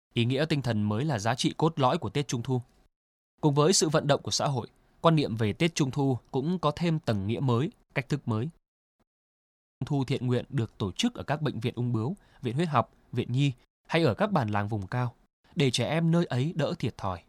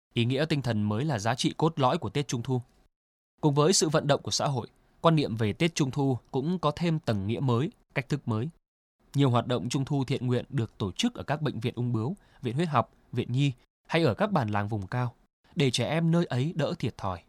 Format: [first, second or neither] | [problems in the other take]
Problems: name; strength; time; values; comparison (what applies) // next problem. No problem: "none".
second | audio cutting out; at 9 s for 1 s